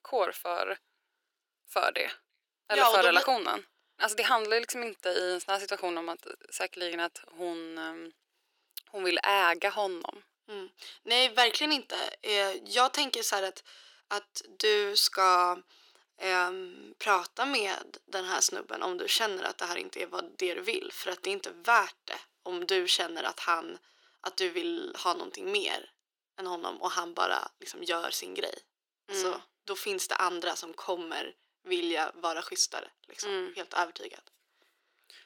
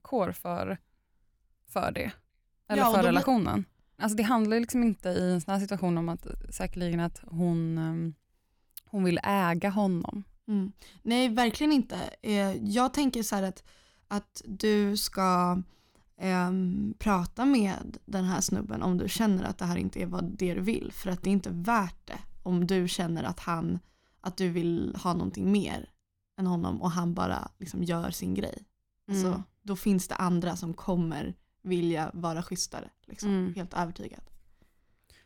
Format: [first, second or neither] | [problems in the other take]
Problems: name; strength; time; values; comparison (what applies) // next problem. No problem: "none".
second | thin; very; fading below 350 Hz